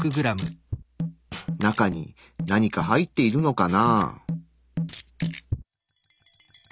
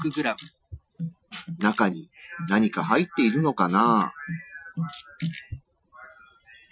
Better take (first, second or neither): first